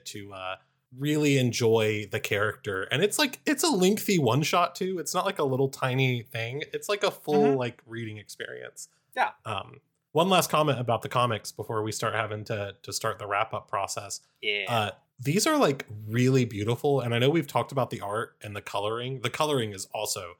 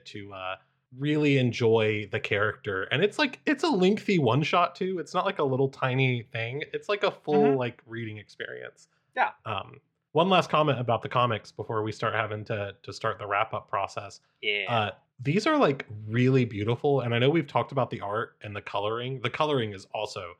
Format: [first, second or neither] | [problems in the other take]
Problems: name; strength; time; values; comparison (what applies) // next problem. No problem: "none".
first | muffled; slightly; fading above 3 kHz